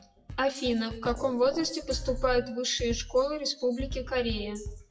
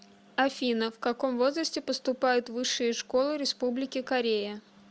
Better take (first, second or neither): second